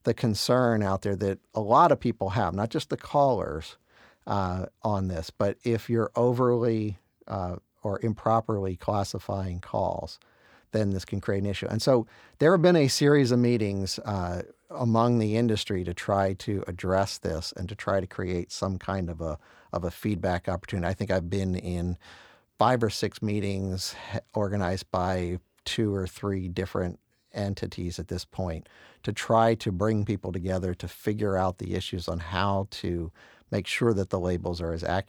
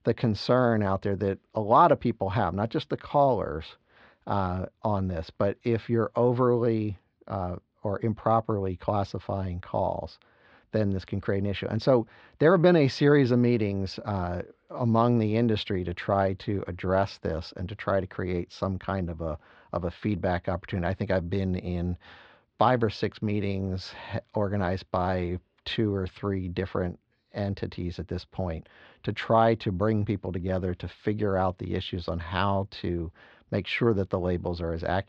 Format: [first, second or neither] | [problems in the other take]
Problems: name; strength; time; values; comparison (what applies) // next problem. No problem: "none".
first | muffled; very slightly; fading above 4 kHz